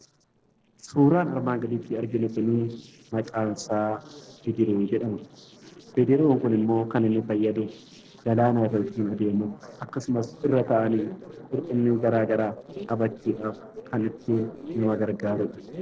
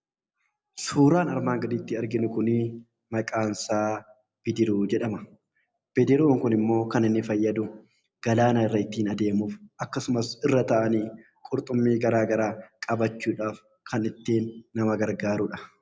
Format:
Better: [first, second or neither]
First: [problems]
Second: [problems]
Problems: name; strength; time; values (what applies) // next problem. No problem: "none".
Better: second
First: noise reduction (neural separator model SepFormer DNS4)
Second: none